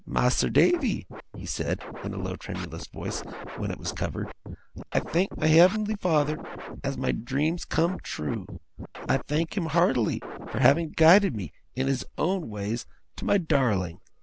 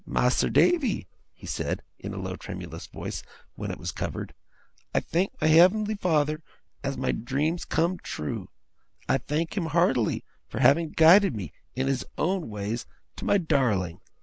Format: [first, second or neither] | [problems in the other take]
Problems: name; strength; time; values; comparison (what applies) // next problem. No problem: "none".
second | background sound (Scratching (performance technique)); 13 dB below the speech